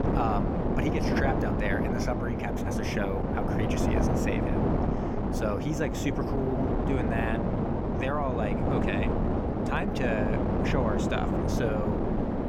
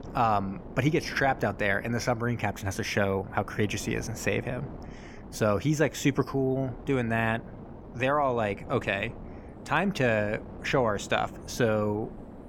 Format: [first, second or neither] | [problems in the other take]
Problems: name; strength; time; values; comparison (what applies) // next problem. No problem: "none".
second | wind noise on the microphone; heavy; 1 dB above the speech; occasional gusts in the second